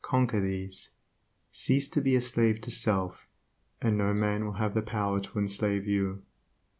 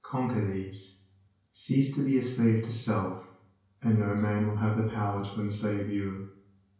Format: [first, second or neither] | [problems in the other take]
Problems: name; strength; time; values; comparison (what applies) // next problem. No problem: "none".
first | room echo; dies away in 0.5 s